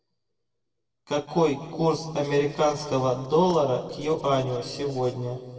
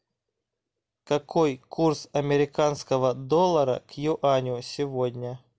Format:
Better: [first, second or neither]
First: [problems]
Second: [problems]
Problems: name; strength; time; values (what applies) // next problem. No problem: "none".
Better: second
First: noise reduction (neural separator model SepFormer DNS4)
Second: none